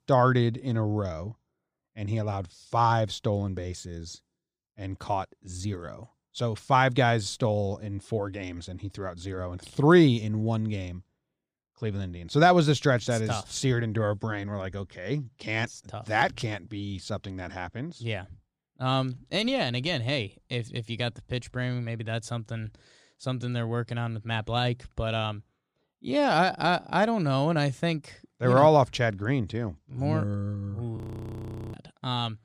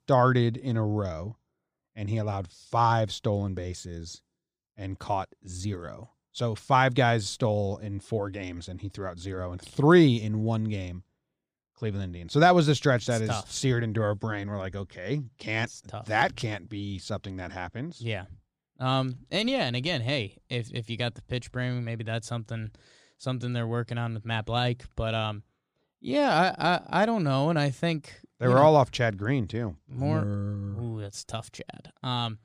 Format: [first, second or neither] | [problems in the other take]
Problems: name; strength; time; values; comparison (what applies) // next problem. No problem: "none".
second | audio freezing; at 31 s for 1 s